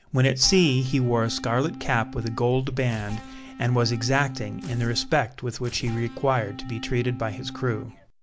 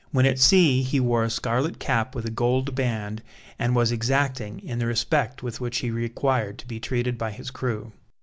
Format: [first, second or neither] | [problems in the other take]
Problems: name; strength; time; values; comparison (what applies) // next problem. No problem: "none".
second | background sound (Tearing + Electric guitar / Bass guitar); 15 dB below the speech